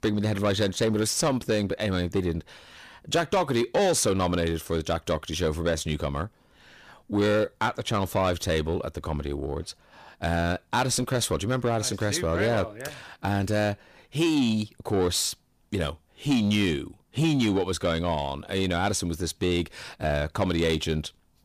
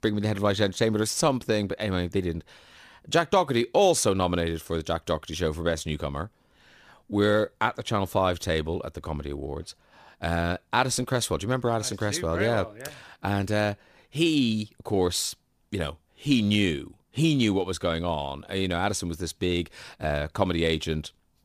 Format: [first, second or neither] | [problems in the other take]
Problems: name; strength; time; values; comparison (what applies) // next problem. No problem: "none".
second | distortion; slight; 10 dB below the speech